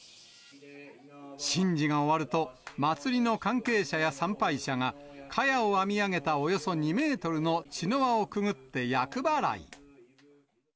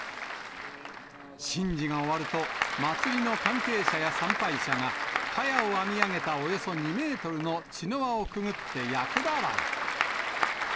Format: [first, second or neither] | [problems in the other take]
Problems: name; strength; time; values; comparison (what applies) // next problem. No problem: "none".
first | background sound (Applause / Crowd); as loud as the speech